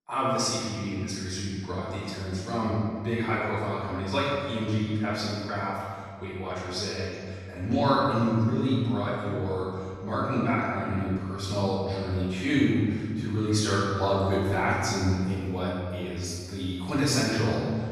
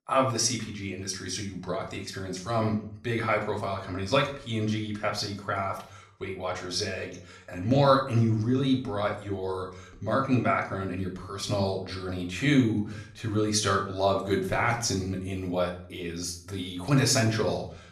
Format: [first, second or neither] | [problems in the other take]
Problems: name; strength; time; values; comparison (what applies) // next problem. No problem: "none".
second | room echo; strong; dies away in 2.1 s; slight in the second // off-mic speech; far; somewhat distant in the second